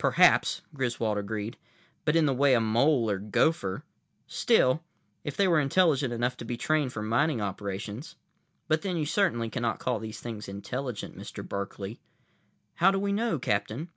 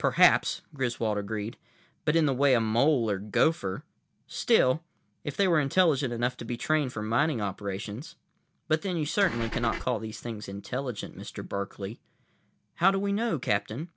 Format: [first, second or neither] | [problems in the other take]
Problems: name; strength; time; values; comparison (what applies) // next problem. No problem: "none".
first | background sound (Engine / Car); 6 dB below the speech